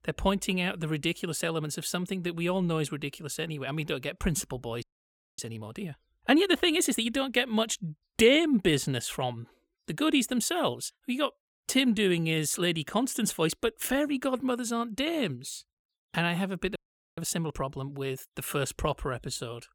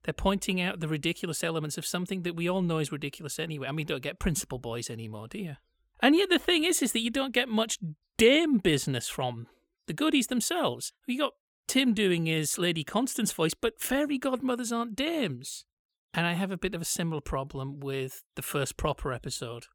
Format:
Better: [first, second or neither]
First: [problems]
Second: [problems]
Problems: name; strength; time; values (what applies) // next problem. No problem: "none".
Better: second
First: audio freezing; at 5 s for 0.5 s and at 17 s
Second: none